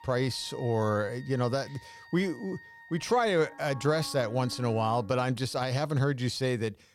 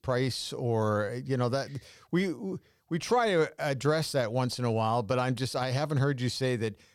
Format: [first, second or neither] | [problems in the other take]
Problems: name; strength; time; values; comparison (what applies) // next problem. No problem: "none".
second | background music; noticeable; until 5 s; 20 dB below the speech